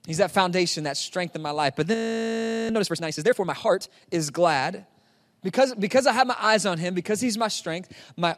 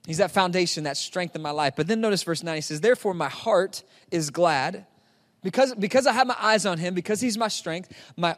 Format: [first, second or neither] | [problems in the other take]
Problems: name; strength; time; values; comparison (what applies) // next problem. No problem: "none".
second | audio freezing; at 2 s for 1 s